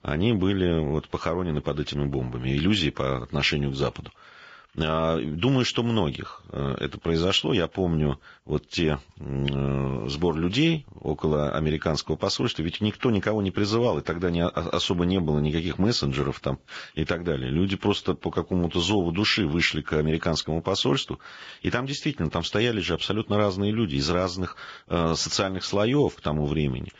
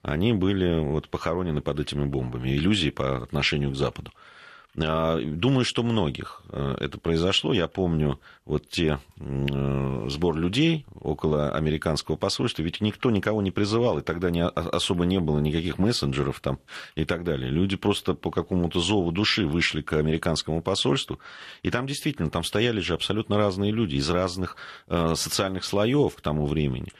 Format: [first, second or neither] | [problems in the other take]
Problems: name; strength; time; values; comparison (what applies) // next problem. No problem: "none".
second | garbled, watery; badly; nothing above 7.5 kHz; slightly in the second